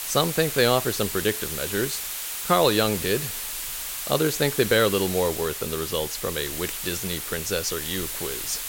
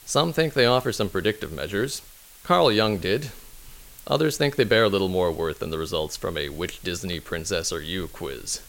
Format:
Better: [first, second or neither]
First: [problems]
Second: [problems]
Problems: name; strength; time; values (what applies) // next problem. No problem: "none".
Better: second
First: hiss; loud; throughout; 4 dB below the speech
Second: hiss; faint; throughout; 20 dB below the speech